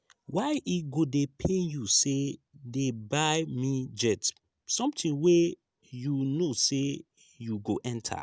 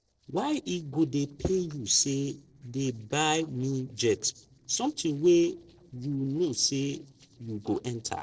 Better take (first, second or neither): first